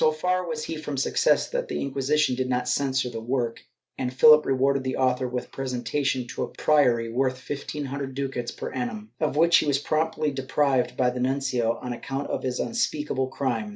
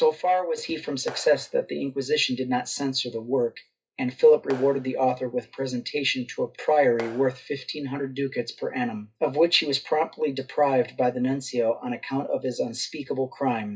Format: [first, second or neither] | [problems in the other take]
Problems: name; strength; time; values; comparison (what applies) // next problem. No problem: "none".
first | noise reduction (classical method WPE with log-MMSE)